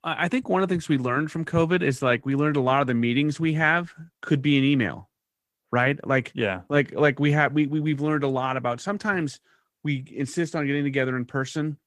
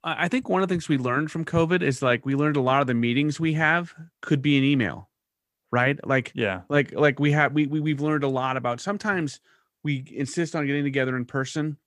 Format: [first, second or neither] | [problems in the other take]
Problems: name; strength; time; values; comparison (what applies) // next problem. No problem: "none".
second | garbled, watery; slightly